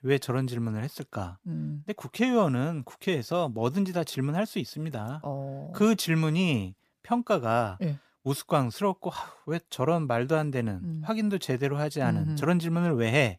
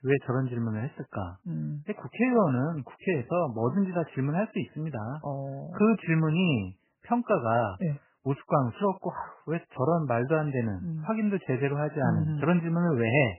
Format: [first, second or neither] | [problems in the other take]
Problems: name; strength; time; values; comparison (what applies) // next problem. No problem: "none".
first | garbled, watery; badly; nothing above 3 kHz